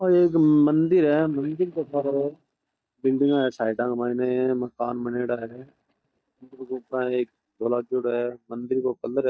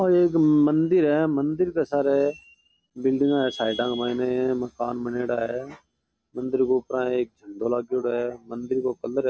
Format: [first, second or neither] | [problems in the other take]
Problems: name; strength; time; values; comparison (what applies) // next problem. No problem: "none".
second | noise reduction (neural mask model DeepFilterNet 3)